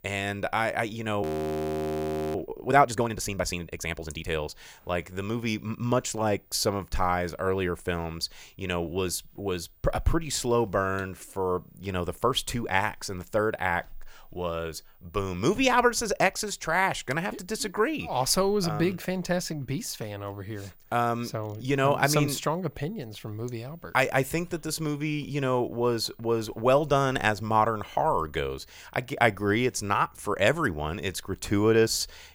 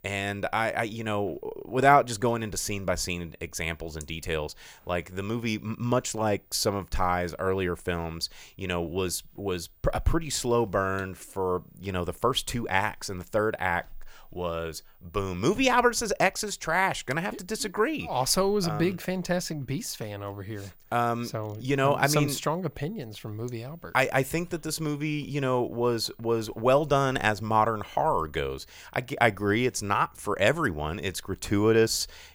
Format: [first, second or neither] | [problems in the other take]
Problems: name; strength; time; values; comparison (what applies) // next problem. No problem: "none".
second | audio freezing; at 1 s for 1 s